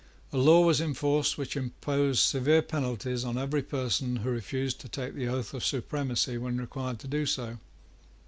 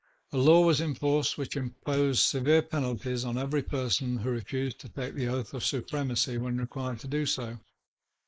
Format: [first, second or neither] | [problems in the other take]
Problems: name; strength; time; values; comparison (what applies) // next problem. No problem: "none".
first | noise reduction (neural mask model Resemble Enhance denoiser)